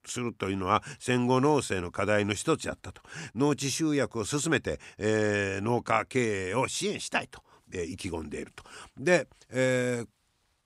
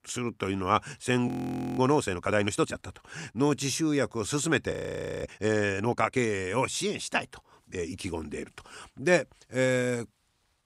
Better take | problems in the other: first | audio freezing; at 1.5 s for 0.5 s and at 4.5 s for 0.5 s

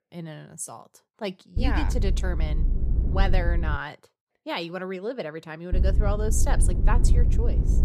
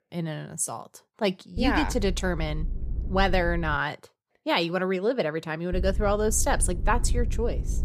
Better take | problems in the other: second | low rumble; loud; from 1.5 to 4 s and from 5.5 s on; 9 dB below the speech; faint in the second

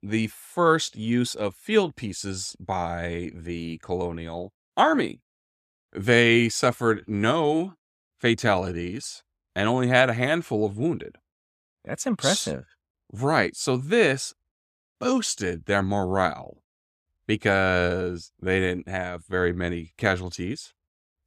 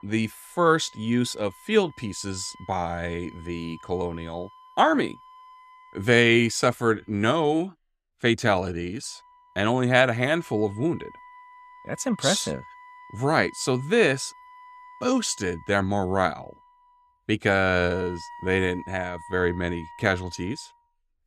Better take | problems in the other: first | background music; faint; throughout; 20 dB below the speech

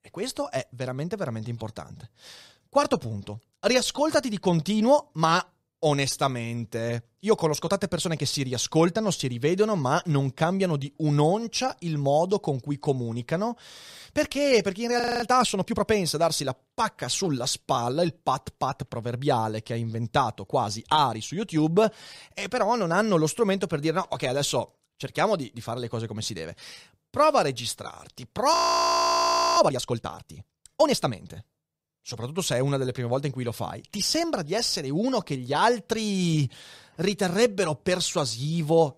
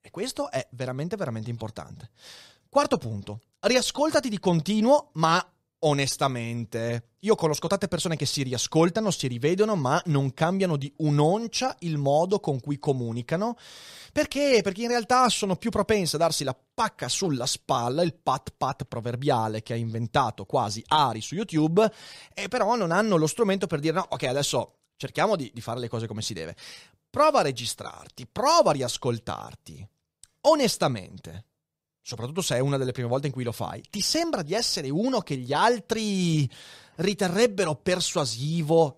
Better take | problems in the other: second | audio freezing; at 15 s and at 29 s for 1 s

